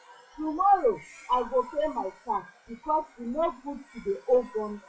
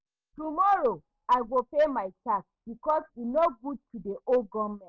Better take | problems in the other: second | noise reduction (classical method WPE with log-MMSE)

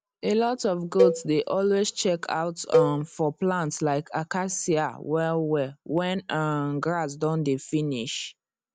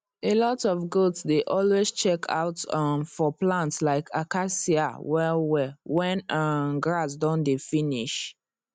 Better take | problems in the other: second | background sound (Cowbell); 2 dB below the speech

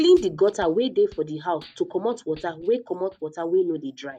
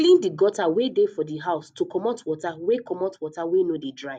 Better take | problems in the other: second | noise reduction (neural mask model DeepFilterNet 3)

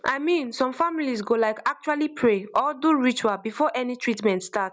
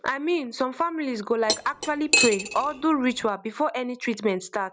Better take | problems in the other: first | background sound (Cutlery, silverware); 1 dB below the speech

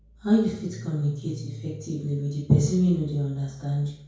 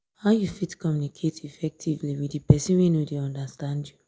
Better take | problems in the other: second | background sound (Engine starting / Car); 18 dB below the speech // room echo; dies away in 0.5 s

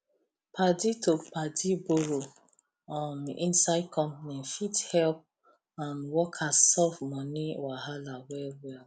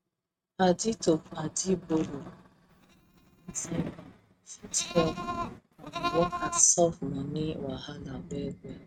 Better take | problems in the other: first | noise reduction (neural mask model RNNoise)

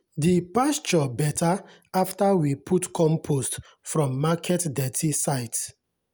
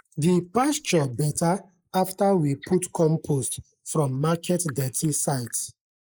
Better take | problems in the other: first | noise reduction (neural mask model Resemble Enhance denoiser)

